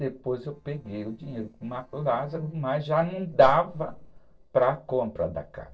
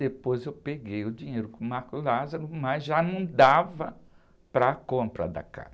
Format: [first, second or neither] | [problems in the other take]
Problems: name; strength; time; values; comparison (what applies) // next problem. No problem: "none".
second | noise reduction (neural separator model SepFormer DNS4)